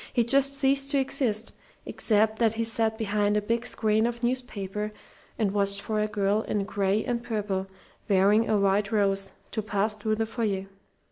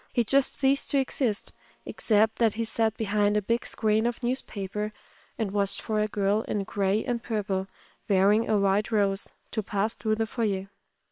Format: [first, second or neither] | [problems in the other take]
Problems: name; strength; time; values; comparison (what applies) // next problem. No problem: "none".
first | noise reduction (neural separator model SepFormer WHAM!)